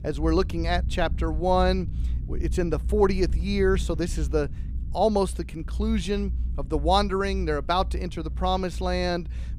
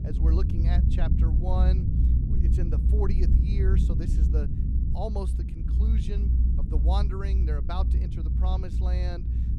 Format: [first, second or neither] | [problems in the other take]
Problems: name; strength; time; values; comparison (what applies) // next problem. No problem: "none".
first | low rumble; loud; throughout; 2 dB below the speech; faint in the first